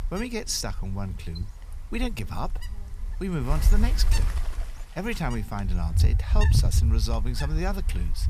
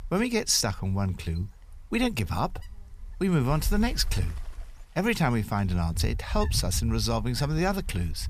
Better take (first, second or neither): second